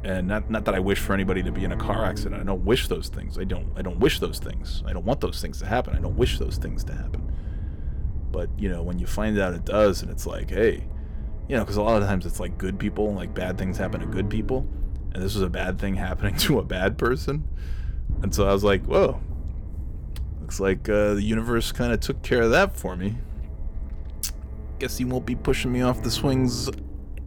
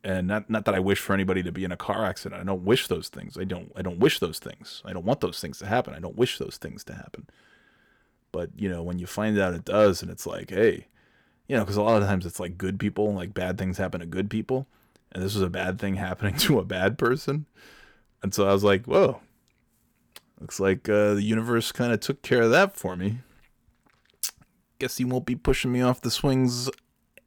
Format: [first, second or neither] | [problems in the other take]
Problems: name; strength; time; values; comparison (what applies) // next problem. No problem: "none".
second | low rumble; noticeable; throughout; 20 dB below the speech